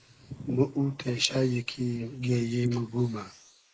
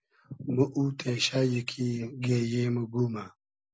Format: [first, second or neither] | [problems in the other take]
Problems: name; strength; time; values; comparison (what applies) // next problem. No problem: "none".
second | noise reduction (neural mask model Resemble Enhance denoiser)